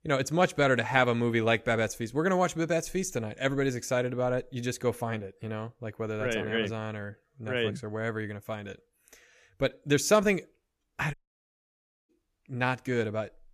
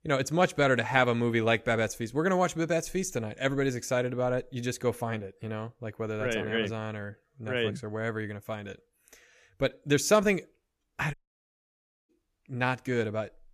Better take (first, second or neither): neither